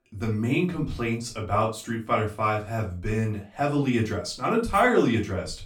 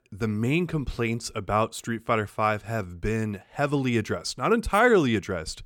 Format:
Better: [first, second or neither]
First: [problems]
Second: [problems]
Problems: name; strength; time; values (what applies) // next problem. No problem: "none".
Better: second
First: off-mic speech; far // room echo; very slight; dies away in 0.2 s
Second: none